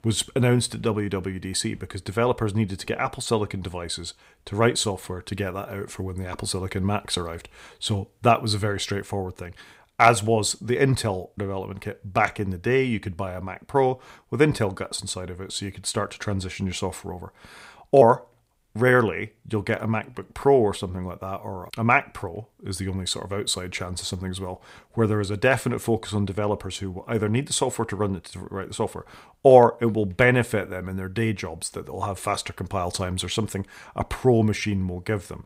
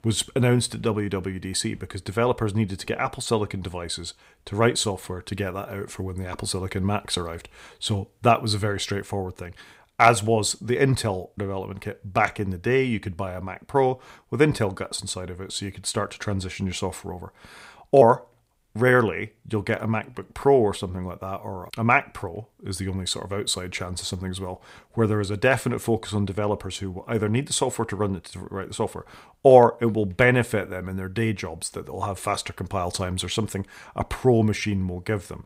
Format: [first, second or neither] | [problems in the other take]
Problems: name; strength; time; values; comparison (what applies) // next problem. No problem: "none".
neither | none